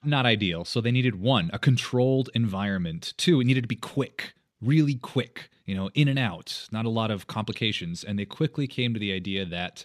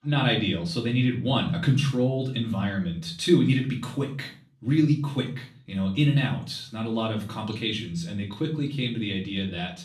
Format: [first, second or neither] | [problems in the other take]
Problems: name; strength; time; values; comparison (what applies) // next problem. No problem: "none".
first | room echo; slight; dies away in 0.4 s // off-mic speech; far